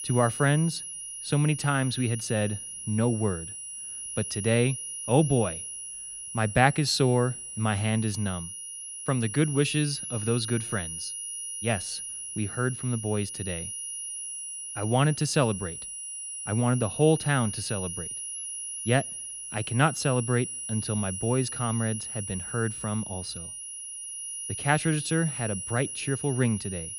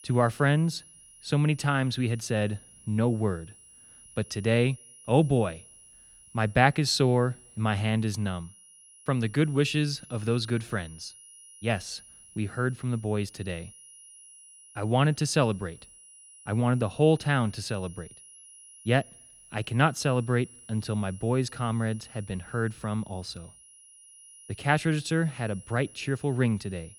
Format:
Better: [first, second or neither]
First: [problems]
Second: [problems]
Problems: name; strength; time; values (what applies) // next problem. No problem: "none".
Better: second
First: high-pitched whine; loud; throughout; 10.5 kHz, 7 dB below the speech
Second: high-pitched whine; faint; throughout; 10.5 kHz, 20 dB below the speech